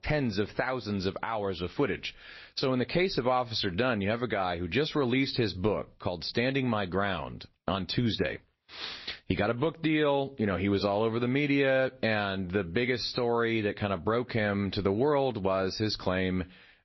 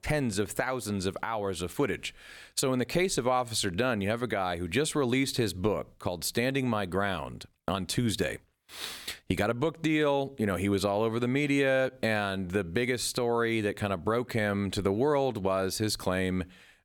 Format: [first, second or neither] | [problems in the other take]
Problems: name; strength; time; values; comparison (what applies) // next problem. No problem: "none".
second | garbled, watery; slightly; nothing above 5.5 kHz